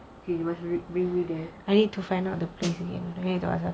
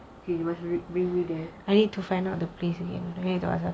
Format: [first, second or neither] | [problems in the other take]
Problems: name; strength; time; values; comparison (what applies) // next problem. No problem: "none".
second | background sound (Snare drum); 11 dB below the speech